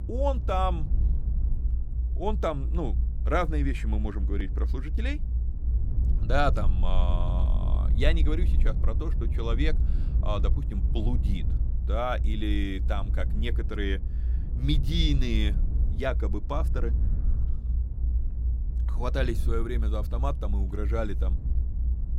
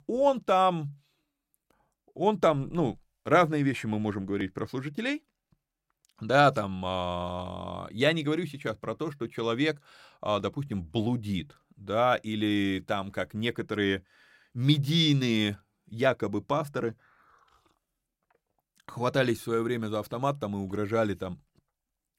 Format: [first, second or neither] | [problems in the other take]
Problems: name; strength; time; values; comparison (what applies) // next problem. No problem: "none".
second | low rumble; noticeable; throughout; 15 dB below the speech